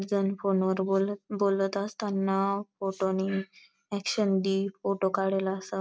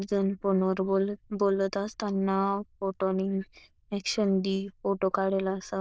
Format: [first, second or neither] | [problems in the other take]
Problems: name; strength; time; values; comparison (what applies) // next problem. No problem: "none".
first | noise reduction (neural diffusion model UNIVERSE++)